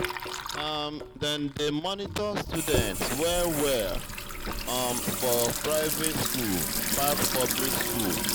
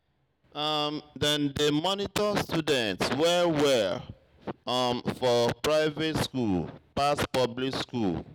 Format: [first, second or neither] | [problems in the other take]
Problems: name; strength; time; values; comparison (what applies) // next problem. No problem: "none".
second | background sound (Sink (filling or washing) / Water tap, faucet); 1 dB below the speech